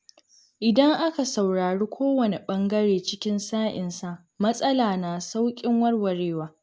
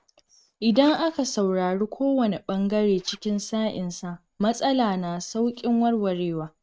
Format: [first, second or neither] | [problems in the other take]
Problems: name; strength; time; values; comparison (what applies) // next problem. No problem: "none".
first | noise reduction (neural mask model RNNoise)